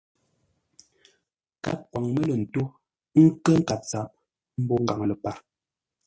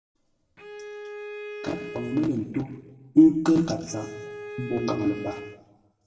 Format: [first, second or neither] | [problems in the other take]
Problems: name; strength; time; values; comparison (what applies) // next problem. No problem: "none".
first | background sound (Bowed string instrument); 13 dB below the speech // room echo; dies away in 1.1 s